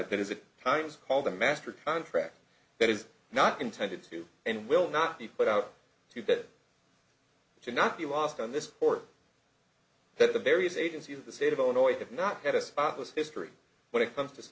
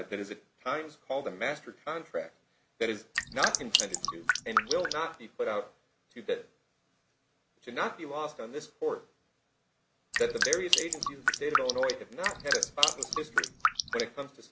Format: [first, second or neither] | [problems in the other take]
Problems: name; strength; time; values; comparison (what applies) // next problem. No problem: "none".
first | background sound (Drip); 5 dB above the speech